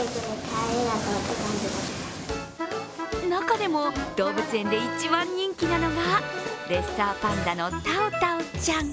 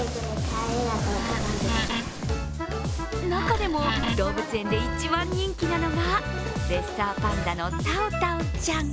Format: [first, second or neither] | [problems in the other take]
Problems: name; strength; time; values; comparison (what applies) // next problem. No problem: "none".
first | background sound (Bass guitar + Wood); 2 dB below the speech